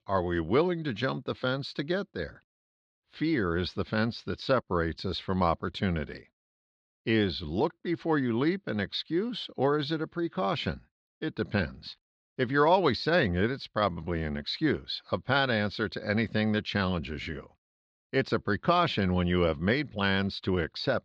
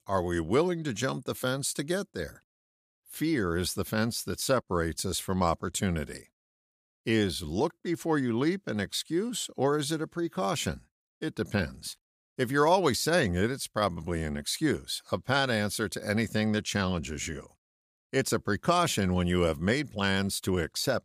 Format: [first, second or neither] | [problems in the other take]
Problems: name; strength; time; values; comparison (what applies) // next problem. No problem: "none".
second | muffled; very slightly; fading above 4 kHz